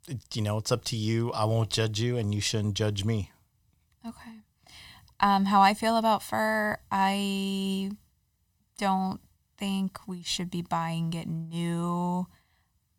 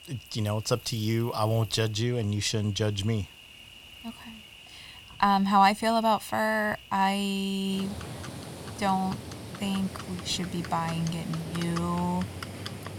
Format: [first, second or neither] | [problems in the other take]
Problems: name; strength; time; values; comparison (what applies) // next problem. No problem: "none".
first | animal sounds; noticeable; throughout; 15 dB below the speech